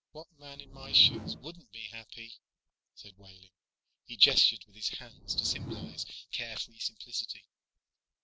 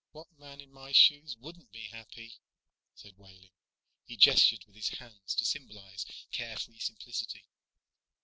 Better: second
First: background sound (Whoosh, swoosh, swish); 12 dB below the speech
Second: none

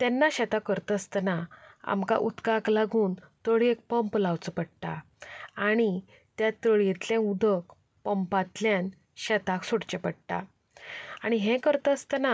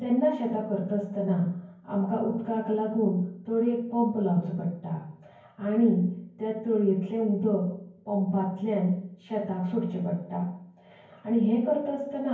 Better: first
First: none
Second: room echo; dies away in 0.9 s

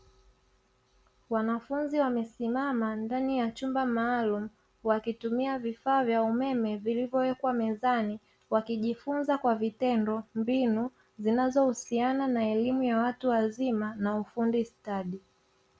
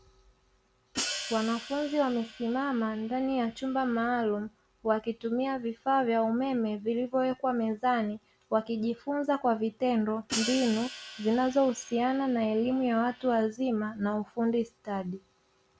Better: first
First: none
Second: background sound (Hi-hat); 11 dB below the speech

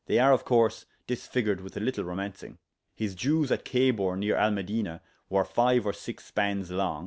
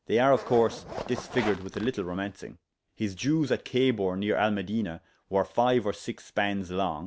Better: first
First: none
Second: background sound (Zipper (clothing)); 12 dB below the speech

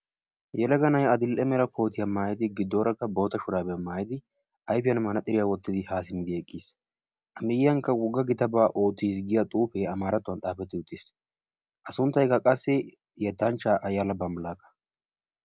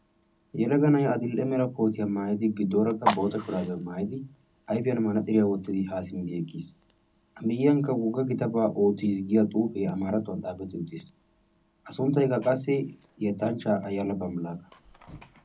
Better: first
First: none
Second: background sound (Fire); 15 dB below the speech // room echo; dies away in 0.4 s

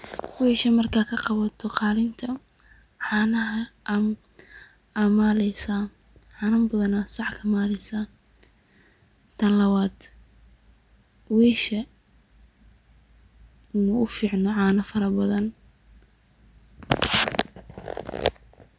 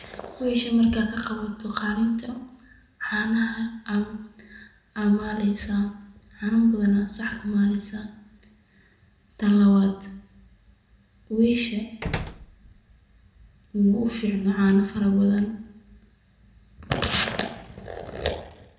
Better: first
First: none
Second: background sound (Slam); 11 dB below the speech // room echo; dies away in 0.7 s

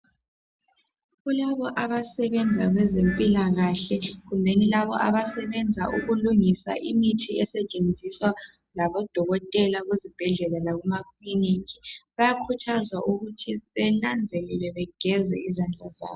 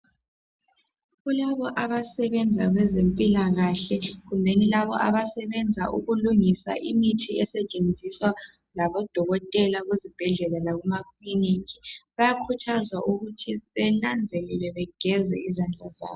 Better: second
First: background sound (Glass); 13 dB below the speech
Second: none

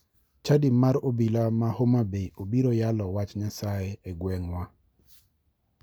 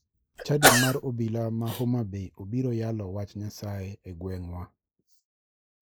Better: first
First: none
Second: noise reduction (neural mask model Resemble Enhance denoiser)

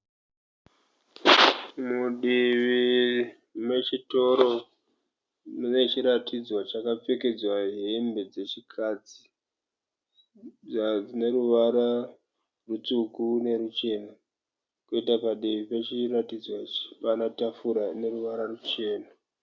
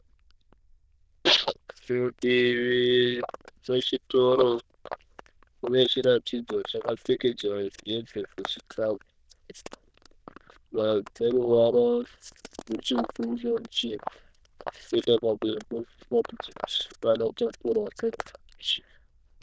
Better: first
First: none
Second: noise reduction (neural diffusion model UNIVERSE++)

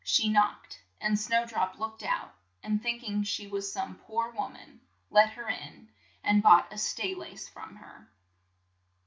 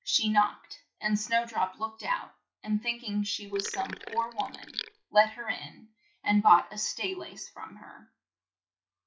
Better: first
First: none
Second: noise reduction (classical method log-MMSE)

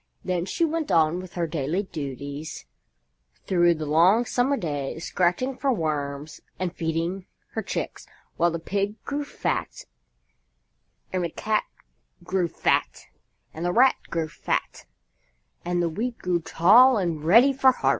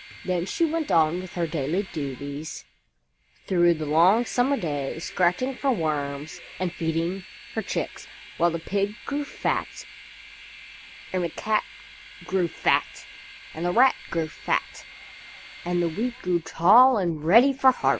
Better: first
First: none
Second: background sound (Train); 19 dB below the speech

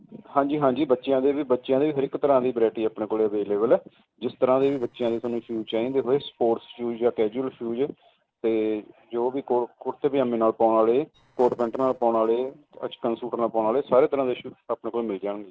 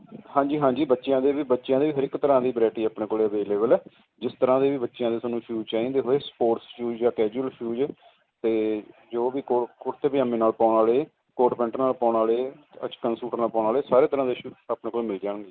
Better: second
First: noise reduction (neural separator model SepFormer DNS4)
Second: none

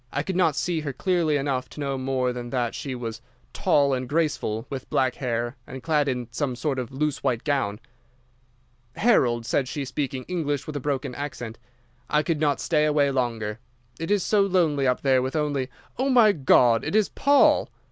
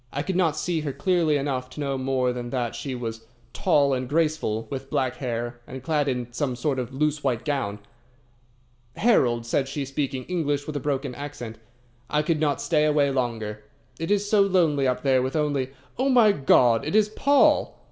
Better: first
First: none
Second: room echo; dies away in 0.5 s

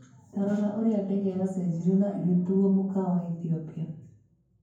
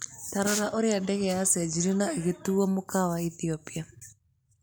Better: second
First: room echo; dies away in 0.9 s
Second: none

